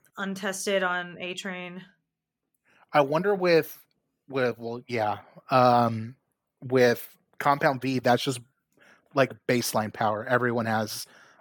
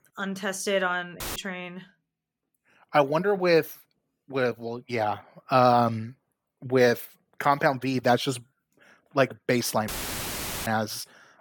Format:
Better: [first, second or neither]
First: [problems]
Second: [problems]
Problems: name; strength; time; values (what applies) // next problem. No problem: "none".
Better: first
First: none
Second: audio cutting out; filled with static; at 1 s and at 10 s for 1 s